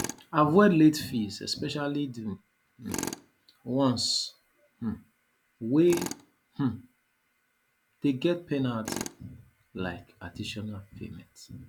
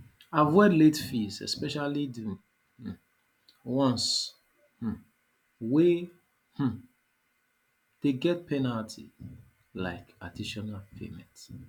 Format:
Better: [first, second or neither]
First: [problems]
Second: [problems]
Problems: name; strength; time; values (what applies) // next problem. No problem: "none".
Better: second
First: background sound (Tools); 15 dB below the speech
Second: none